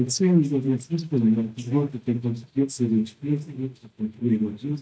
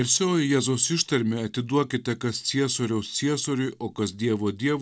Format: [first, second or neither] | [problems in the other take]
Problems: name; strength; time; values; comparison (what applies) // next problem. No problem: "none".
second | noise reduction (neural mask model DeepFilterNet 3)